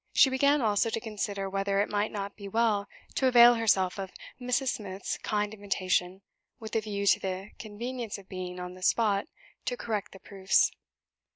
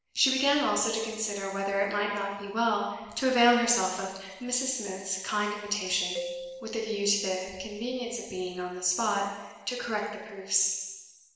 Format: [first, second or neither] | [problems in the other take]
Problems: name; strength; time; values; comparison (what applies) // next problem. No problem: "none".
first | background sound (Marimba, xylophone); 13 dB below the speech // room echo; dies away in 1.1 s